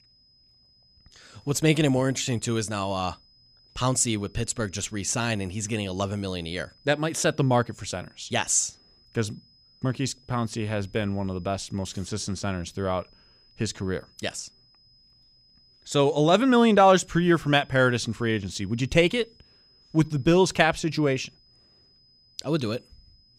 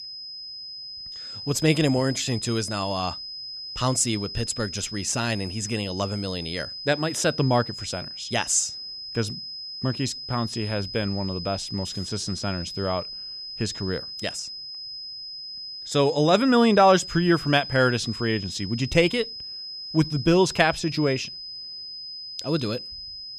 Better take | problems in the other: first | high-pitched whine; loud; throughout; 5 kHz, 9 dB below the speech; faint in the first

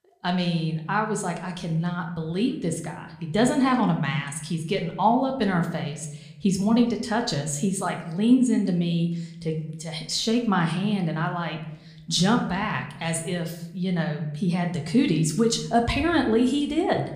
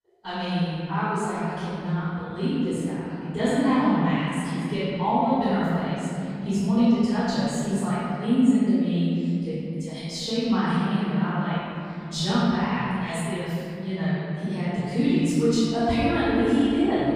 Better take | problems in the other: first | room echo; strong; dies away in 2.9 s; slight in the first // off-mic speech; far

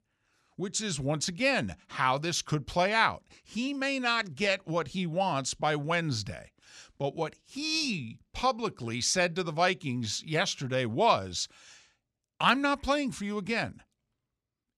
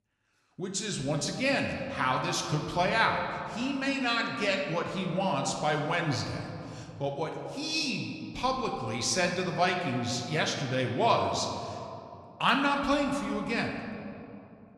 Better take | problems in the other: first | room echo; slight; dies away in 2.2 s

